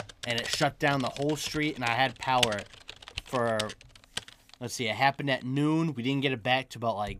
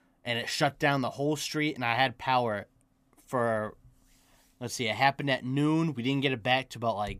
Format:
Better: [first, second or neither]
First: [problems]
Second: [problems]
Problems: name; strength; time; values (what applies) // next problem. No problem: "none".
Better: second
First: household noises; loud; throughout; 8 dB below the speech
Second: none